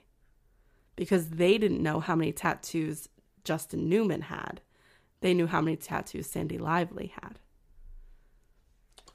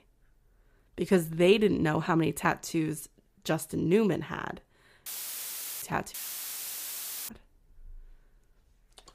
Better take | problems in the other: first | audio cutting out; filled with static; at 5 s for 1 s and at 6 s for 1 s

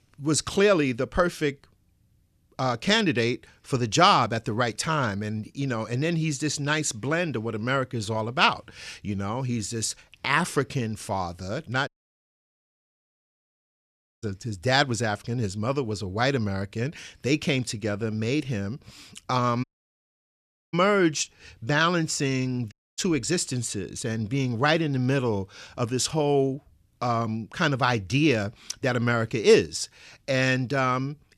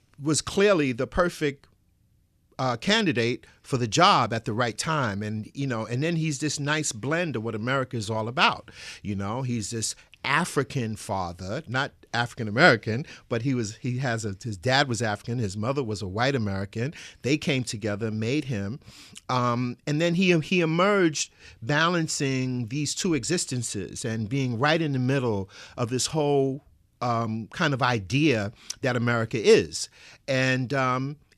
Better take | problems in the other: second | audio cutting out; at 12 s for 2.5 s, at 20 s for 1 s and at 23 s

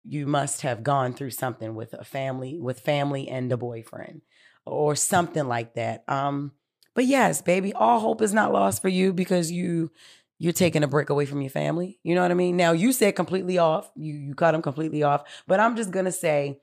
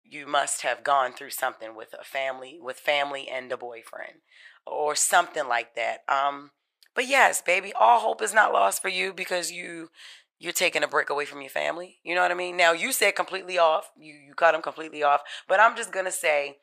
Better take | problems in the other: first | thin; very; fading below 750 Hz

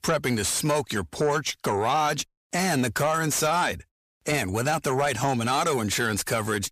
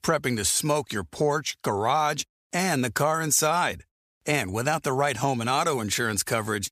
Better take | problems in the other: second | distortion; slight; 10 dB below the speech

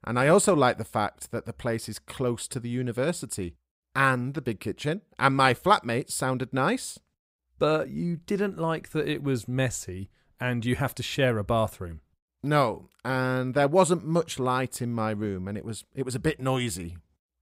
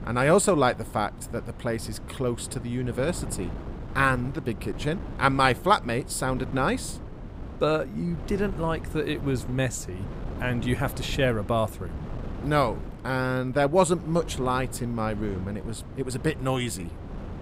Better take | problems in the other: first | wind noise on the microphone; occasional gusts; 20 dB below the speech

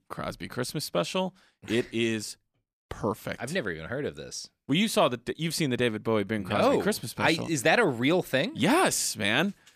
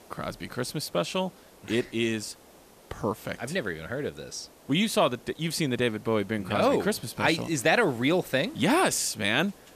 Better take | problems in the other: first | hiss; faint; throughout; 25 dB below the speech

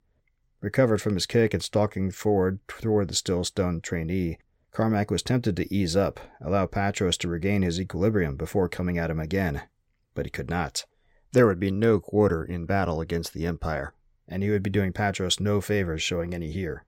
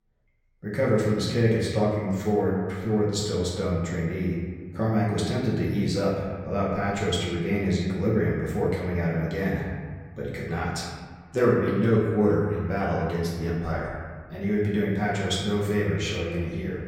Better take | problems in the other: first | room echo; noticeable; dies away in 1.5 s // off-mic speech; far

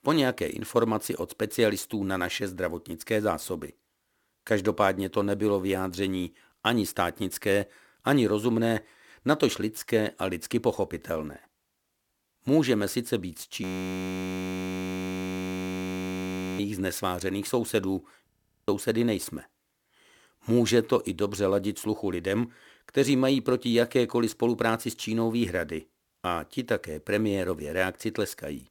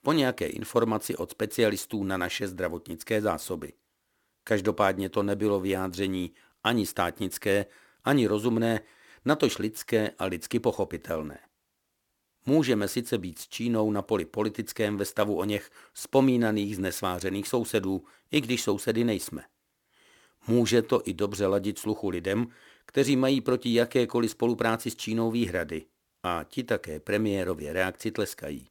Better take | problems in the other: second | audio freezing; at 14 s for 3 s and at 18 s

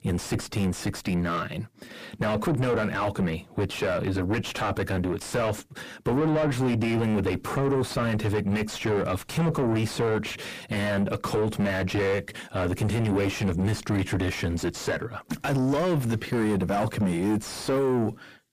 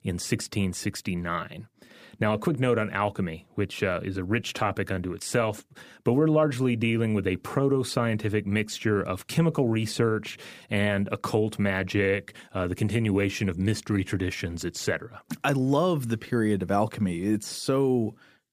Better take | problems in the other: second | distortion; heavy; 6 dB below the speech

